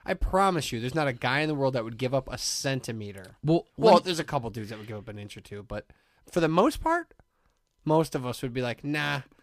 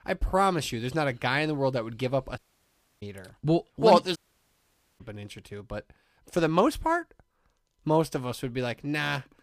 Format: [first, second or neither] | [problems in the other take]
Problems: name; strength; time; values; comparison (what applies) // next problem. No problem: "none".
first | audio cutting out; at 2.5 s for 0.5 s and at 4 s for 1 s